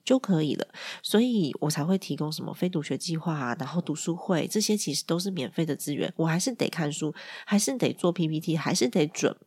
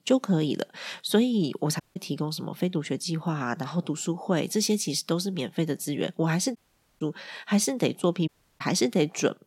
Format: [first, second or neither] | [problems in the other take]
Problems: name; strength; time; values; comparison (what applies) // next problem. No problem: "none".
first | audio cutting out; at 2 s, at 6.5 s and at 8.5 s